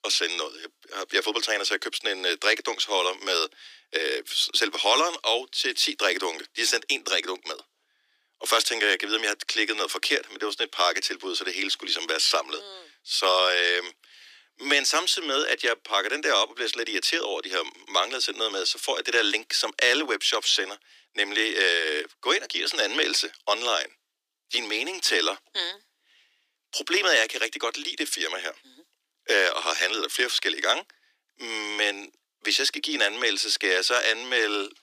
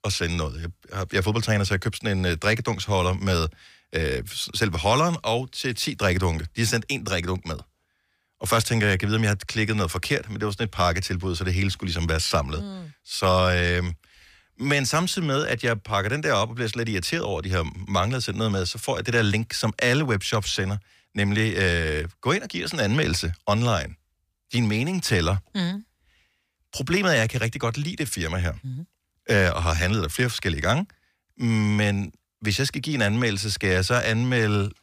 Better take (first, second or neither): second